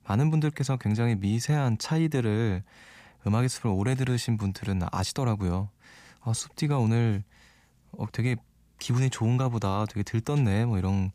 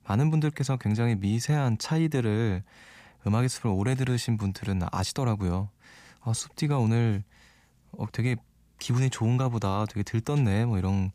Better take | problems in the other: neither | none

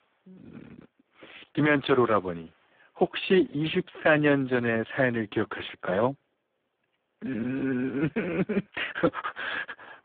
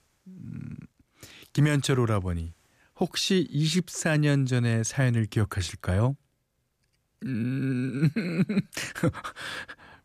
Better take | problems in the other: second | phone-call audio; poor line; nothing above 3.5 kHz

